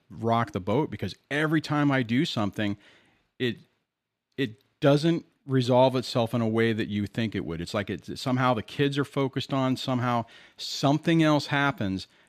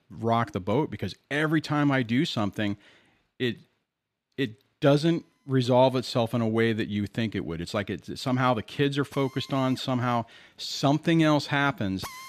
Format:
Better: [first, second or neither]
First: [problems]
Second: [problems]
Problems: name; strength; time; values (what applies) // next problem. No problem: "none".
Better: first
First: none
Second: machinery noise; faint; throughout; 20 dB below the speech